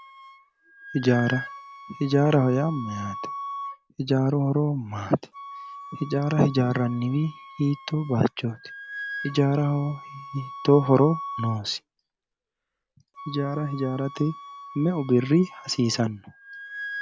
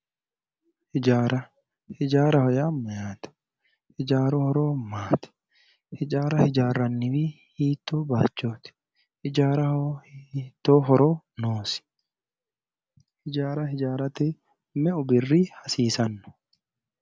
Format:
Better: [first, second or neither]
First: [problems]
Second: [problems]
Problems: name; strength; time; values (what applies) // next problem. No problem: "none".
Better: second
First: background sound (Wind instrument, woodwind instrument); 14 dB below the speech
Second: none